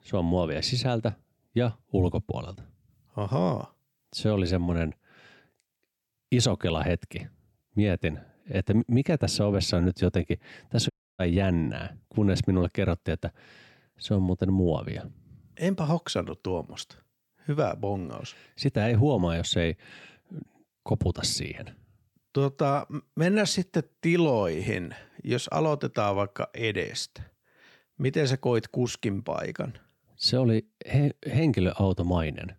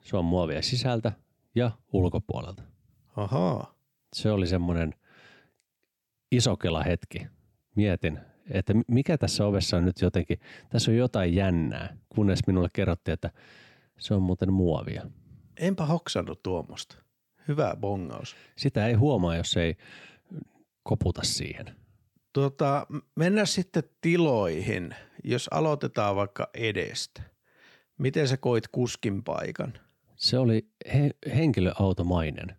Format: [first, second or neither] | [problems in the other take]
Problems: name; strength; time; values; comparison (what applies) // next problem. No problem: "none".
second | audio cutting out; at 11 s